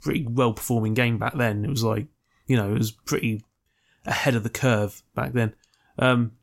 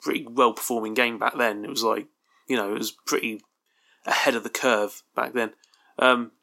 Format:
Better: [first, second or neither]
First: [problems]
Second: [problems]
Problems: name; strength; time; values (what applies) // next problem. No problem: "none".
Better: first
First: none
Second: thin; somewhat; fading below 300 Hz